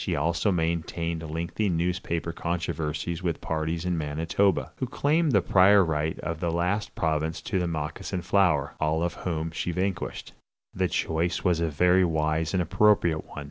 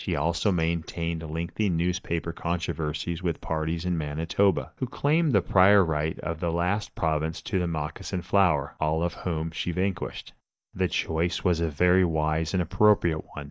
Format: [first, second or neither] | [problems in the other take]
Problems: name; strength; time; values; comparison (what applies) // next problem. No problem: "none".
first | noise reduction (neural mask model DeepFilterNet 3)